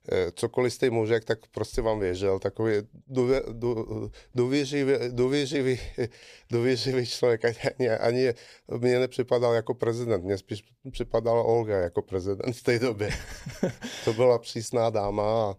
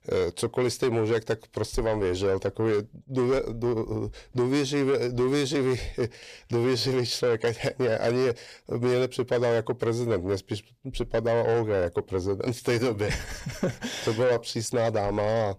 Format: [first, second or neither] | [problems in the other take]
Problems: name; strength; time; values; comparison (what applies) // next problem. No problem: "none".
first | distortion; slight; 10 dB below the speech